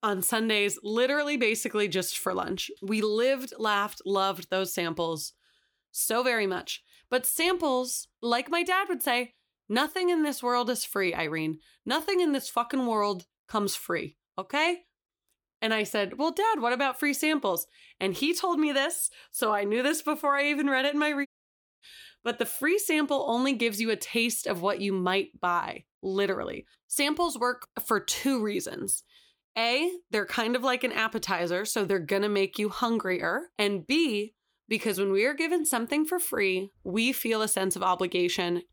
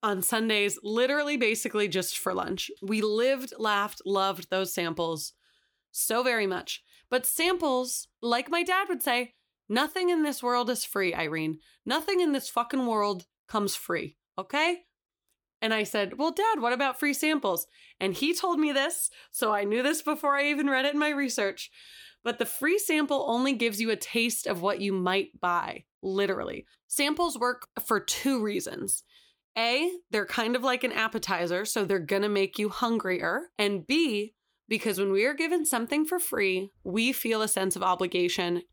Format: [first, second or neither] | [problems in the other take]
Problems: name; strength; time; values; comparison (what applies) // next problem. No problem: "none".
second | audio cutting out; at 21 s for 0.5 s